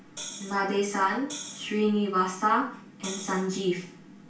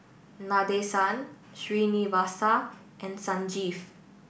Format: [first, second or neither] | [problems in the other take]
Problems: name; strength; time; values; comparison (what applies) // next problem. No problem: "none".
second | background sound (Hi-hat); 13 dB below the speech // room echo; dies away in 0.2 s